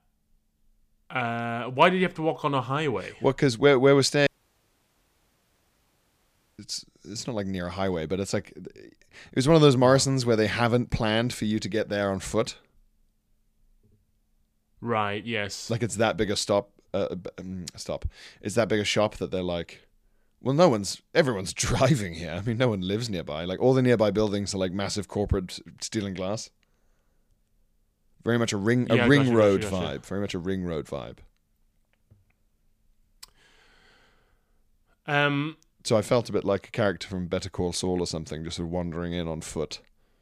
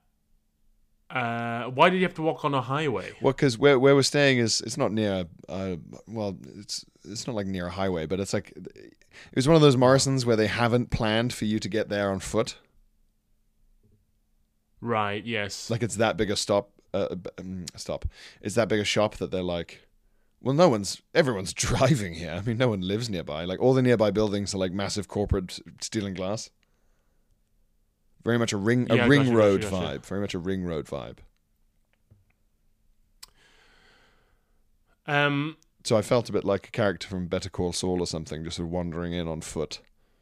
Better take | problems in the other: second | audio cutting out; at 4.5 s for 2.5 s

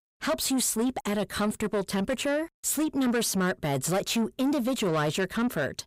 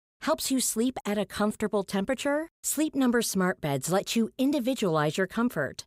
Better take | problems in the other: second | distortion; slight; 10 dB below the speech

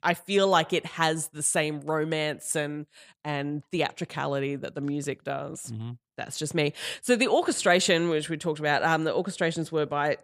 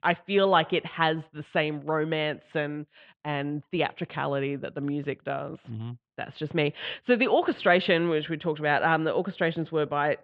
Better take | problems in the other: first | muffled; very; fading above 3 kHz

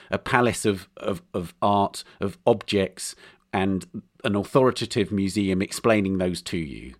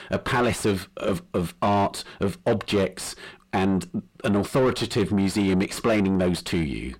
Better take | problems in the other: first | distortion; heavy; 7 dB below the speech

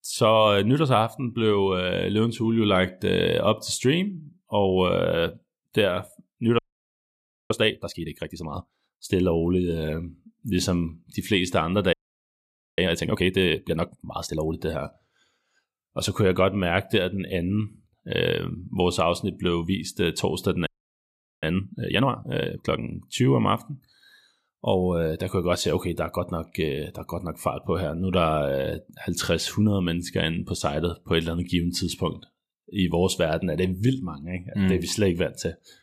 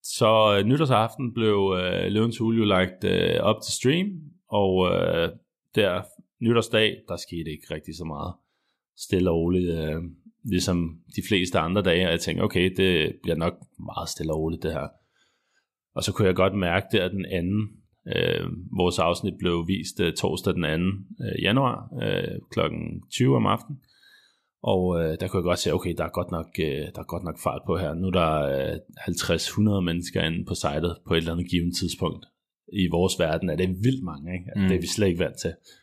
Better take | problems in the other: second | audio freezing; at 6.5 s for 1 s, at 12 s for 1 s and at 21 s for 1 s

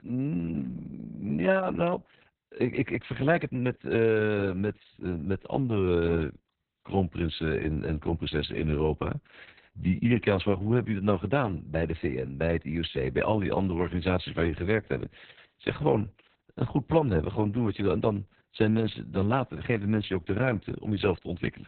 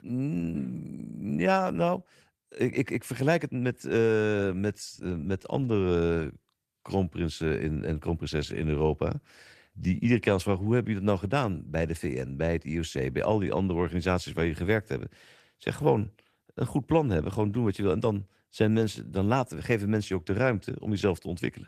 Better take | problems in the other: second | garbled, watery; badly; nothing above 4 kHz; slightly in the second

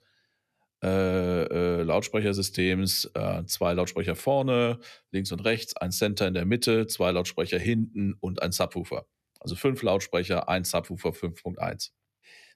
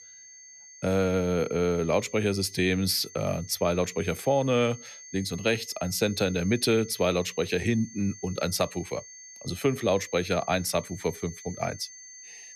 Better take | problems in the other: first | high-pitched whine; noticeable; throughout; 6.5 kHz, 15 dB below the speech

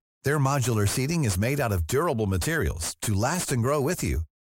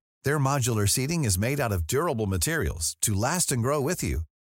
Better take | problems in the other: second | distortion; slight; 10 dB below the speech

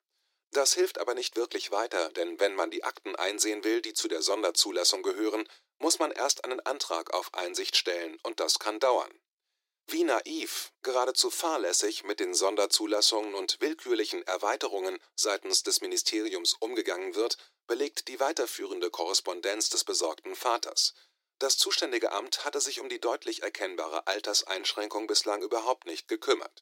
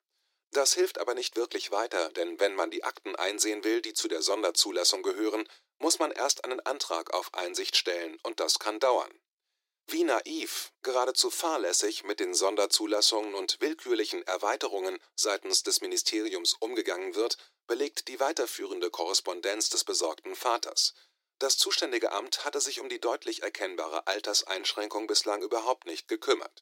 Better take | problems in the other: neither | thin; very; fading below 300 Hz; the same in both

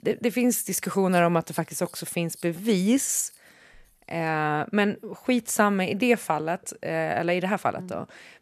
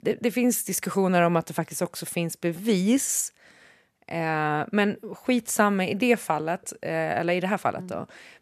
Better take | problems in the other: second | household noises; faint; throughout; 25 dB below the speech

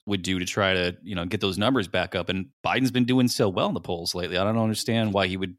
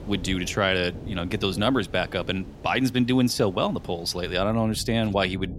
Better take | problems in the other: first | rain or running water; noticeable; throughout; 15 dB below the speech

